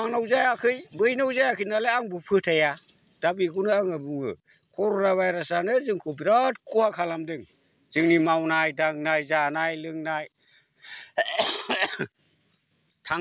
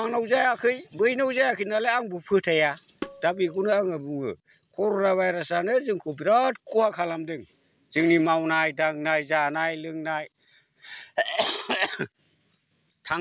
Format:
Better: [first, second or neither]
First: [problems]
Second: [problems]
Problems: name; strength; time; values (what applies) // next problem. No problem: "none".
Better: first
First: none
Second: background sound (Tabla); 16 dB below the speech